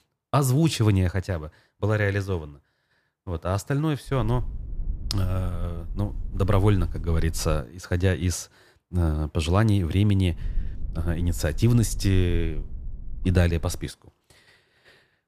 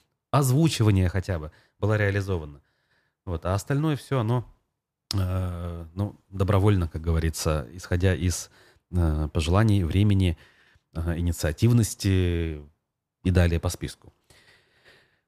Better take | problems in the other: second | low rumble; faint; from 4 to 7.5 s and from 10 to 14 s; 25 dB below the speech

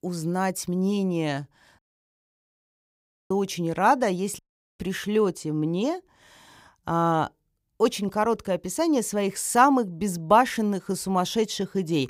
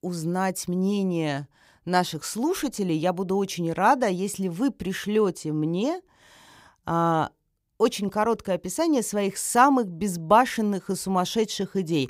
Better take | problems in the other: second | audio cutting out; at 2 s for 1.5 s and at 4.5 s

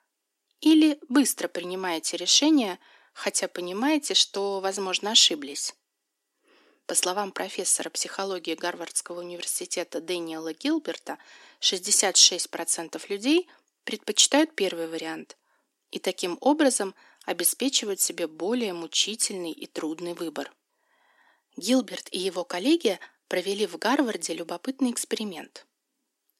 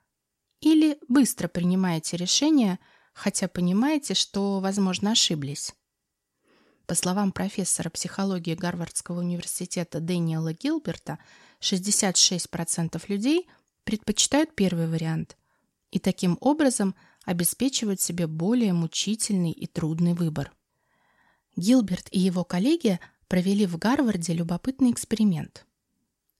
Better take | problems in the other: second | thin; somewhat; fading below 300 Hz

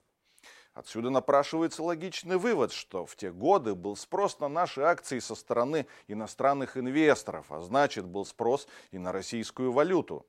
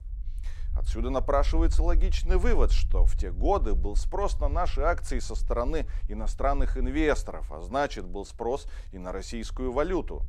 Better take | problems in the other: first | low rumble; faint; throughout; 25 dB below the speech

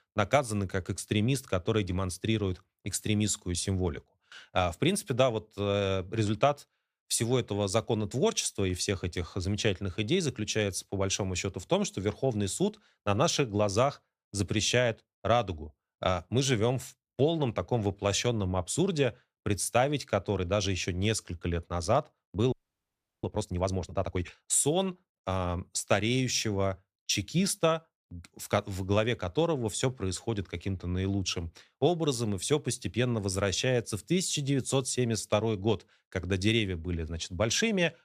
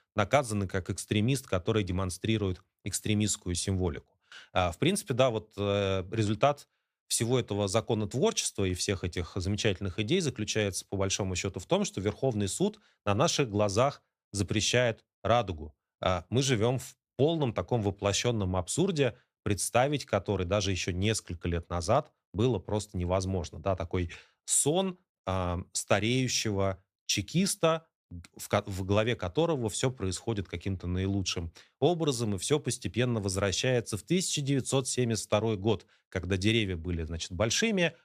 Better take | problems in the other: second | audio freezing; at 23 s for 0.5 s

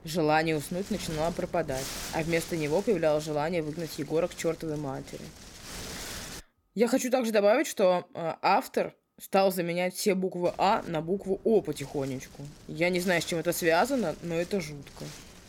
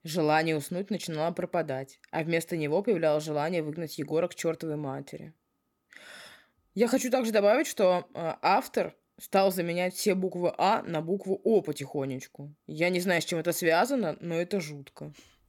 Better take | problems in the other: second | wind noise on the microphone; occasional gusts; until 6.5 s and from 10 s on; 15 dB below the speech

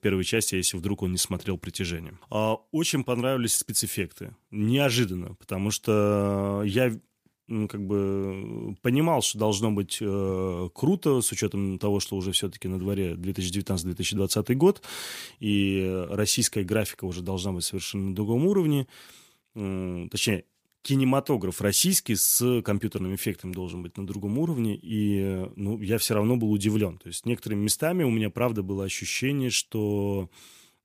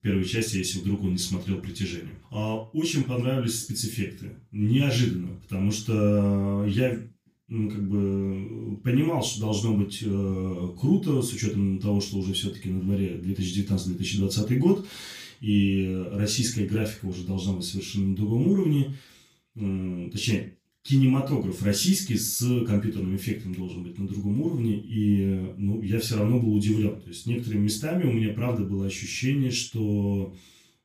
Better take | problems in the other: first | room echo; slight; dies away in 0.3 s // off-mic speech; far

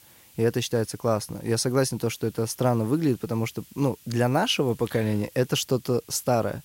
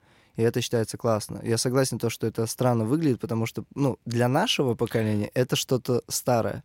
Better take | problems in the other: second | hiss; faint; throughout; 25 dB below the speech

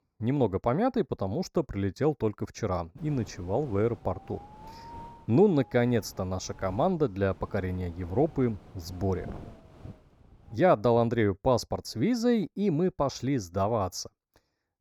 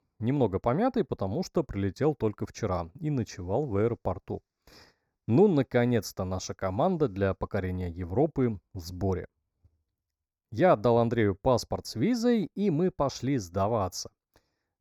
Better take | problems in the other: second | wind noise on the microphone; occasional gusts; from 3 to 11 s; 20 dB below the speech

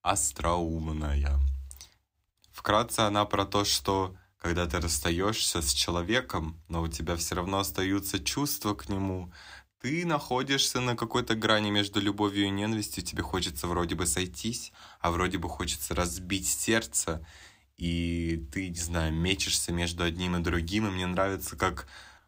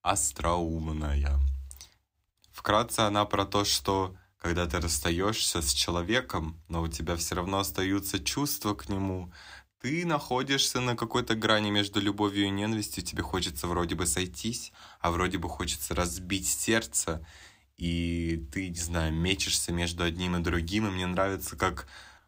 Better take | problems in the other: neither | none

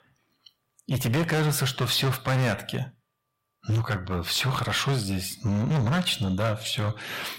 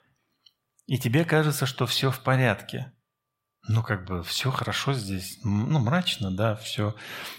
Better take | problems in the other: second | distortion; heavy; 15% of the sound clipped

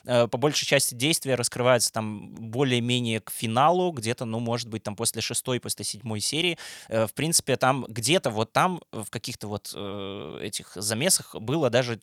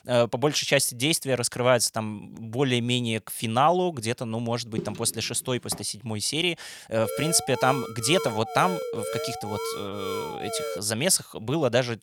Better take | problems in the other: first | footsteps; faint; at 5 s; peak 10 dB below the speech // alarm; noticeable; from 7 to 11 s; peak 6 dB below the speech

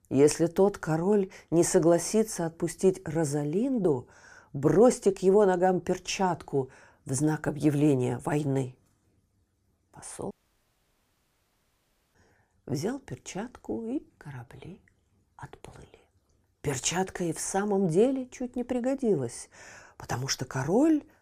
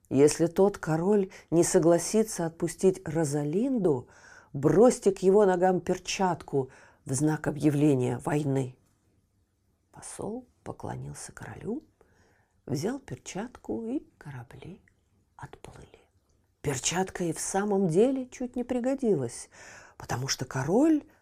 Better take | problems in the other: second | audio cutting out; at 10 s for 2 s

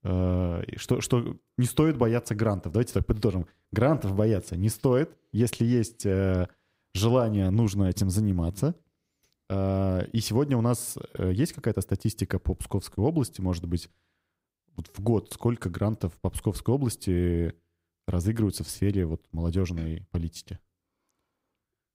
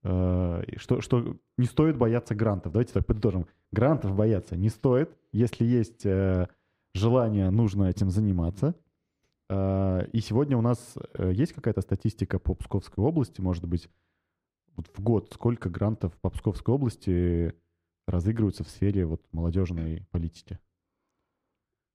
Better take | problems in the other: first | muffled; slightly; fading above 2 kHz

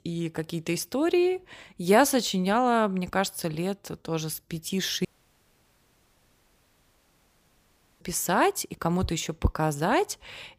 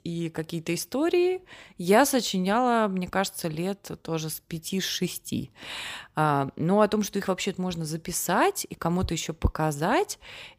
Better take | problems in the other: second | audio cutting out; at 5 s for 3 s

